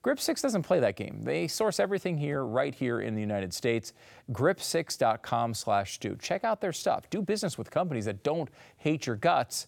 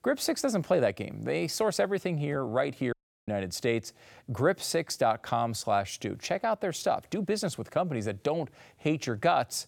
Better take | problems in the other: first | audio cutting out; at 3 s

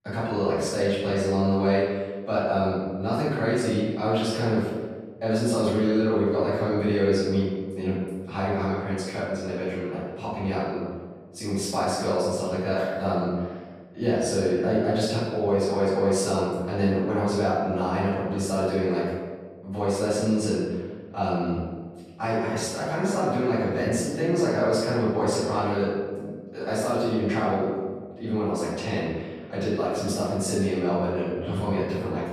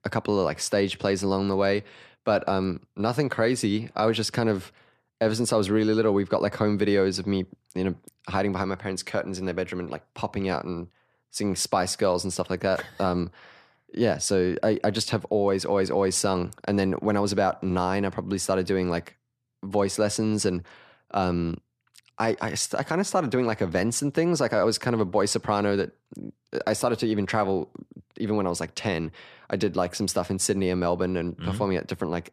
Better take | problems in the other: second | off-mic speech; far // room echo; strong; dies away in 1.3 s

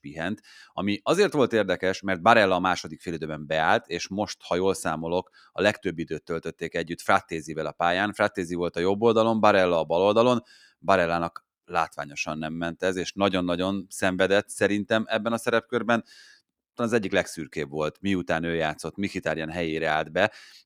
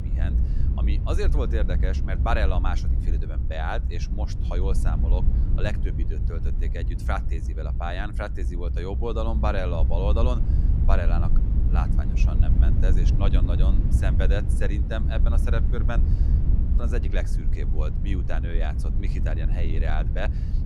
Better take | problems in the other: first | low rumble; loud; throughout; 7 dB below the speech

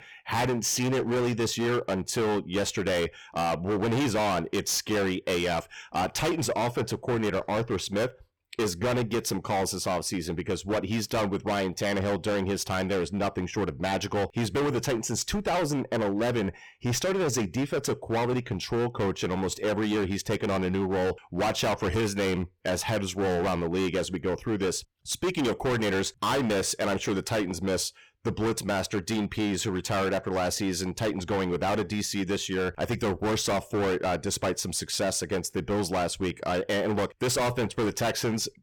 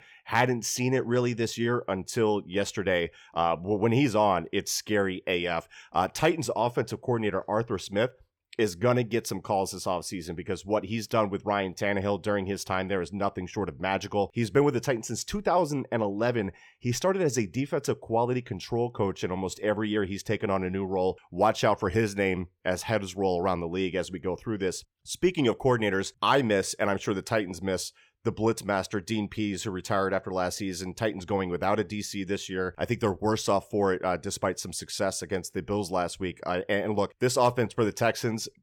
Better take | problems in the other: second | distortion; heavy; 23% of the sound clipped

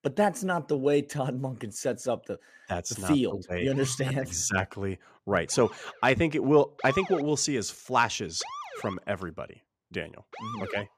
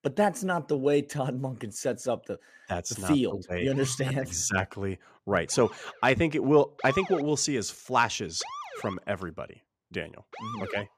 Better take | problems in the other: neither | siren; noticeable; from 3.5 s on; peak 8 dB below the speech; the same in both

